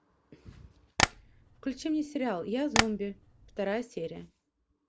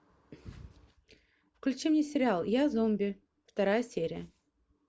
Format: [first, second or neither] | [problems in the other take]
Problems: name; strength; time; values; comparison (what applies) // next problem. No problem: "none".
second | background sound (Tap); 2 dB above the speech